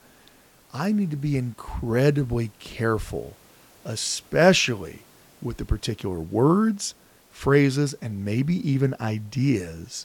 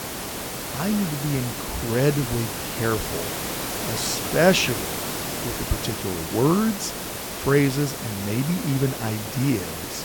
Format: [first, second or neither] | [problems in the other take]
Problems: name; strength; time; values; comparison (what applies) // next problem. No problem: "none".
first | hiss; loud; throughout; 4 dB below the speech; faint in the first